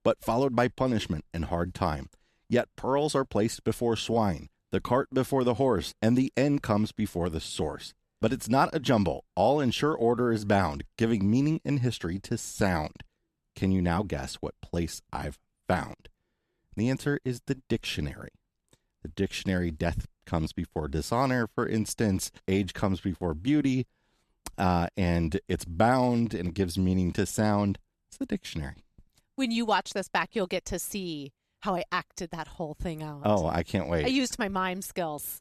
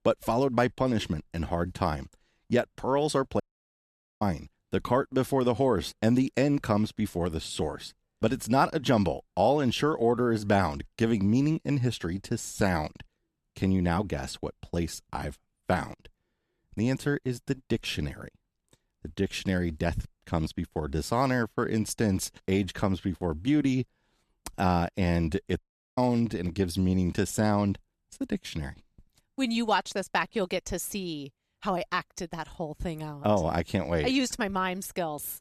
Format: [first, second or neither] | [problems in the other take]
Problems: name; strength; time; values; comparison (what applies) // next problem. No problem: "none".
first | audio cutting out; at 3.5 s for 1 s and at 26 s